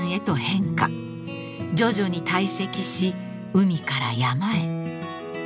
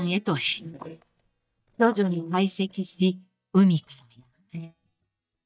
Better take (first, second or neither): first